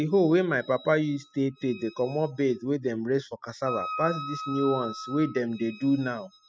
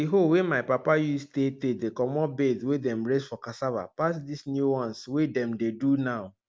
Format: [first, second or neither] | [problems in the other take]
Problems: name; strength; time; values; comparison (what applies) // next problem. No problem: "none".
second | noise reduction (classical method spectral subtraction)